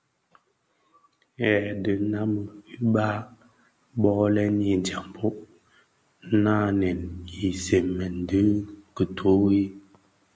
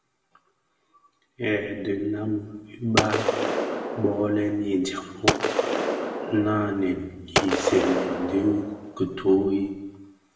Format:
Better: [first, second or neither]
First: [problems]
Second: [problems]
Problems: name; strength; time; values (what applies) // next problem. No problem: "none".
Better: first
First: none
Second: background sound (Gunshot, gunfire); as loud as the speech // room echo; dies away in 1 s